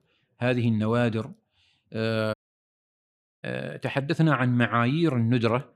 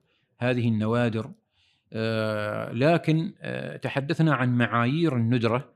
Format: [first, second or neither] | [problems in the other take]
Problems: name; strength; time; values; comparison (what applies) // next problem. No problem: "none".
second | audio cutting out; at 2.5 s for 1 s